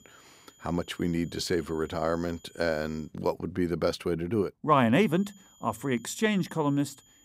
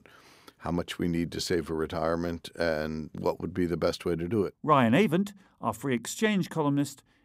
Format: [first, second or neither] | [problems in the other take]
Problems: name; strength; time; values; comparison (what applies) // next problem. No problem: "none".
second | high-pitched whine; faint; until 3 s and from 5 s on; 7 kHz, 30 dB below the speech